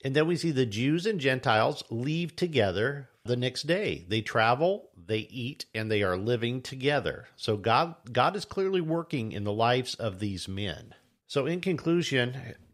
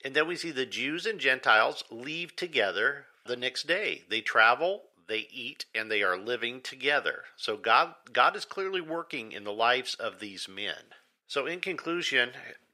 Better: first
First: none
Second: thin; very; fading below 400 Hz

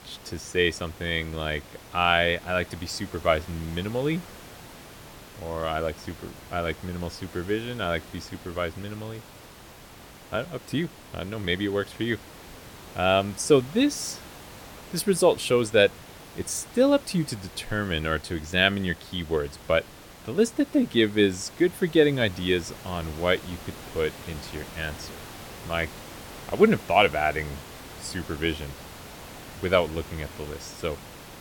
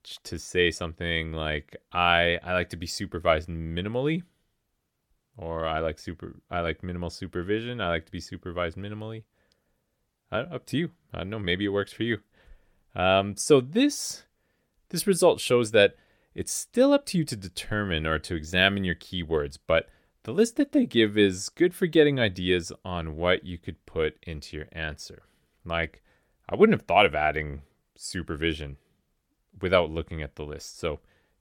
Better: second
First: hiss; noticeable; throughout; 15 dB below the speech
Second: none

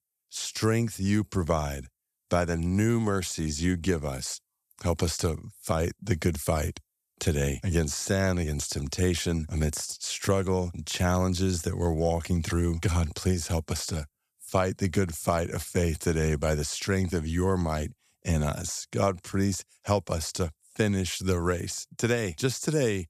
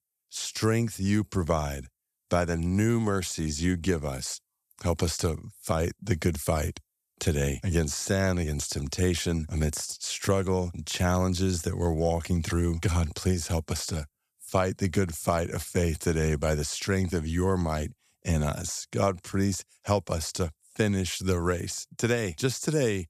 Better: neither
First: none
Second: none

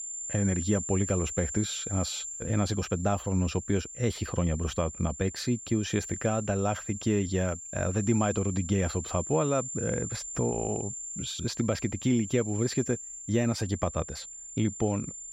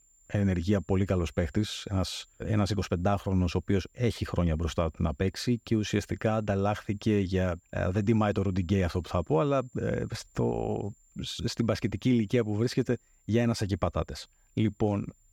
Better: second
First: high-pitched whine; loud; throughout; 7 kHz, 7 dB below the speech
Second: high-pitched whine; faint; throughout; 7 kHz, 35 dB below the speech

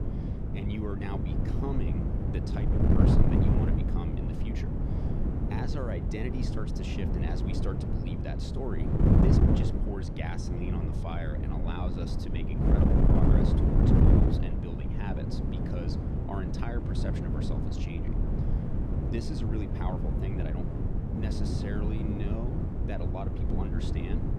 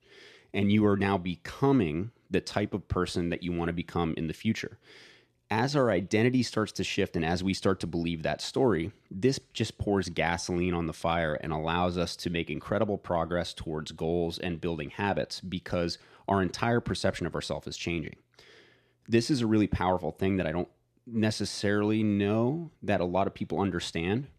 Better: second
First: wind noise on the microphone; heavy; 4 dB above the speech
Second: none

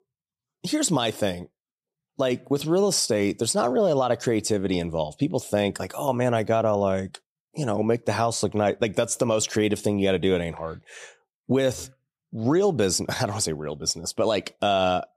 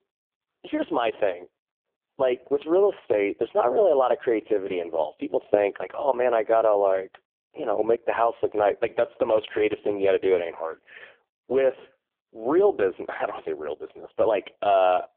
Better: first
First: none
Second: phone-call audio; poor line

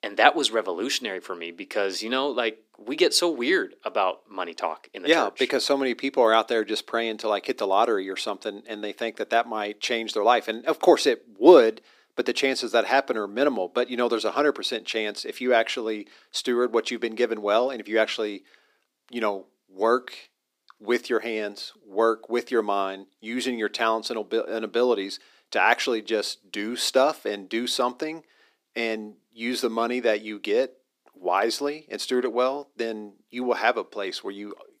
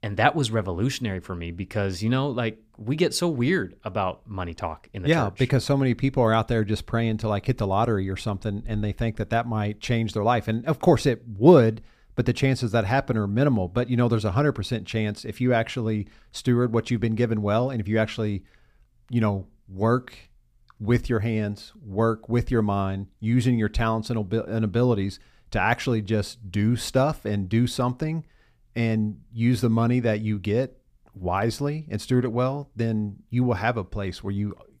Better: second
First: thin; somewhat; fading below 300 Hz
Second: none

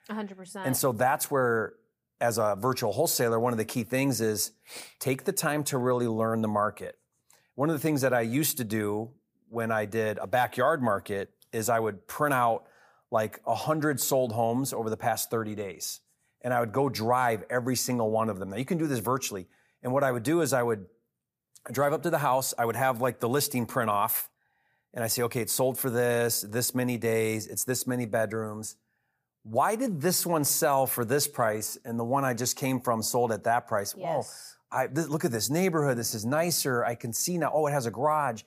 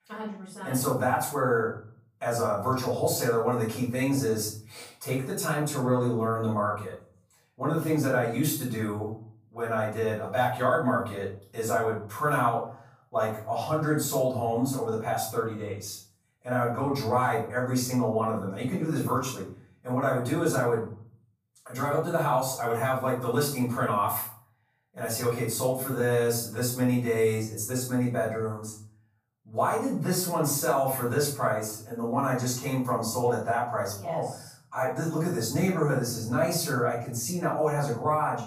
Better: first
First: none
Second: off-mic speech; far // room echo; noticeable; dies away in 0.5 s

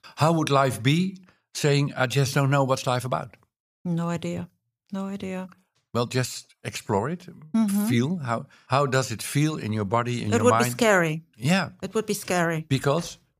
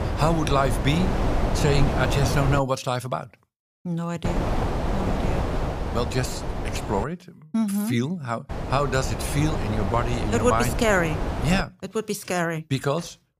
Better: first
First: none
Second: wind noise on the microphone; heavy; until 2.5 s, from 4.5 to 7 s and from 8.5 to 12 s; 4 dB below the speech

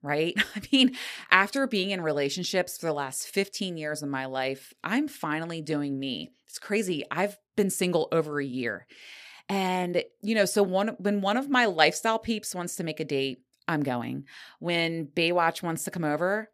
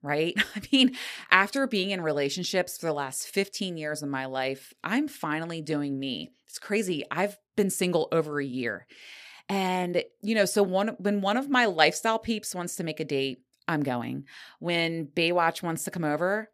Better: neither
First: none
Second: none

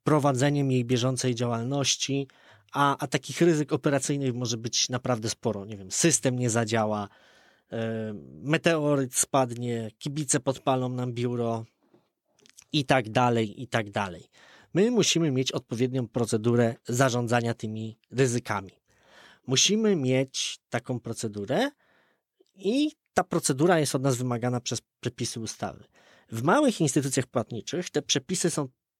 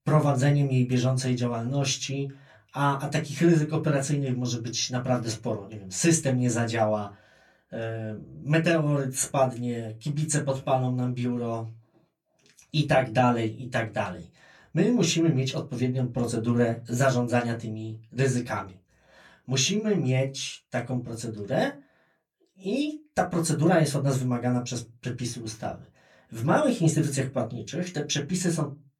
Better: first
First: none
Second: off-mic speech; far // room echo; very slight; dies away in 0.2 s

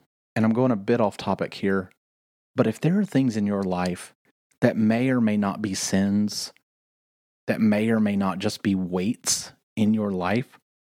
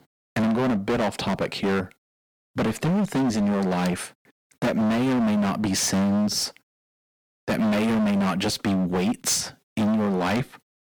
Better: first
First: none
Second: distortion; heavy; 27% of the sound clipped

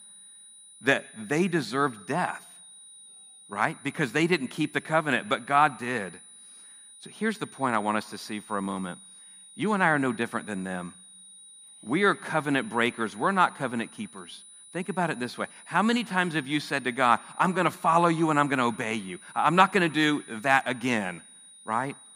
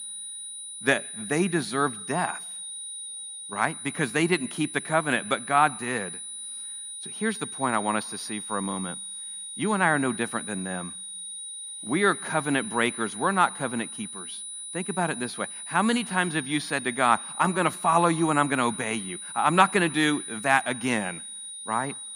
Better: first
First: high-pitched whine; faint; throughout; 9.5 kHz, 20 dB below the speech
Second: high-pitched whine; loud; throughout; 9.5 kHz, 9 dB below the speech

